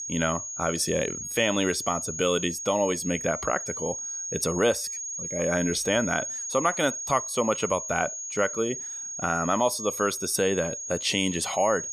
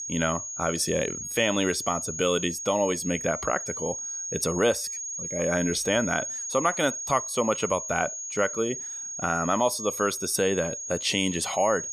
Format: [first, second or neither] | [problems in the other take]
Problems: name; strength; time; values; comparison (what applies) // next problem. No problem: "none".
neither | high-pitched whine; loud; throughout; 6.5 kHz, 5 dB below the speech; the same in both